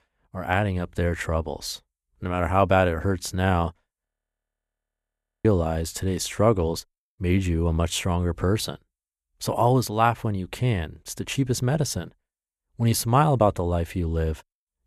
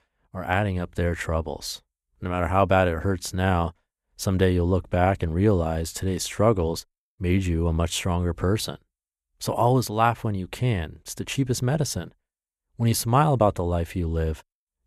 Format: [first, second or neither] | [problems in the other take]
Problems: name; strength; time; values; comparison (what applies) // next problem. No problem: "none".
second | audio freezing; at 4 s for 1.5 s